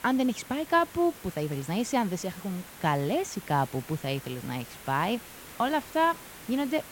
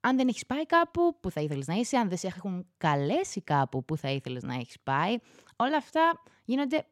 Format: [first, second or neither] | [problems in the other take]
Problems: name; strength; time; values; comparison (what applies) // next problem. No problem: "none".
second | hiss; noticeable; throughout; 15 dB below the speech